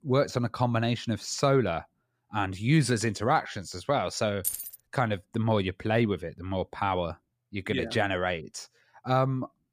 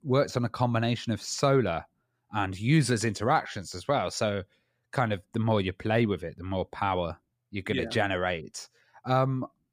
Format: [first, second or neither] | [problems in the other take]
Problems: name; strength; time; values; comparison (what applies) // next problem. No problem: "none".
second | jangling keys; noticeable; at 4.5 s; peak 3 dB below the speech